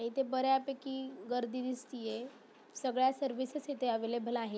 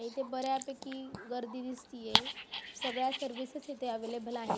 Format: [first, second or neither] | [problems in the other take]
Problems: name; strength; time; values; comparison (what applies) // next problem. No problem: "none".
first | background sound (Dog); 1 dB below the speech